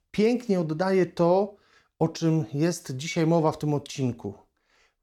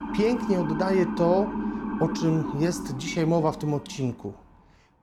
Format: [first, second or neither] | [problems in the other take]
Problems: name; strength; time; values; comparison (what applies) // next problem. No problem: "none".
first | siren; noticeable; until 4 s; peak 3 dB below the speech